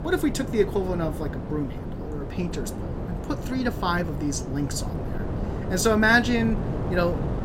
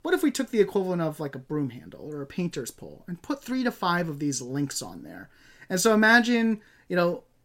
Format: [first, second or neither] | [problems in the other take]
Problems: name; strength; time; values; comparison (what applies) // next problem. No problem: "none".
second | wind noise on the microphone; occasional gusts; 10 dB below the speech